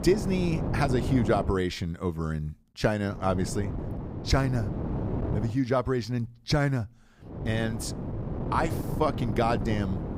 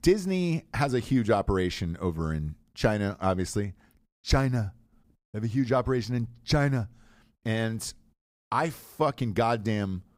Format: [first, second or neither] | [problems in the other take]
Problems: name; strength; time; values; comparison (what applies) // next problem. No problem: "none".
second | wind noise on the microphone; heavy; until 1.5 s, from 3 to 5.5 s and from 7.5 s on; 9 dB below the speech